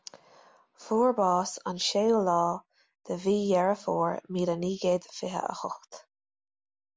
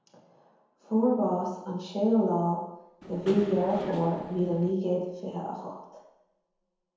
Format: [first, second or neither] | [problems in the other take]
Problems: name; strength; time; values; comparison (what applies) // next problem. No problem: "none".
first | background sound (Engine / Mechanisms); 10 dB below the speech // room echo; dies away in 1 s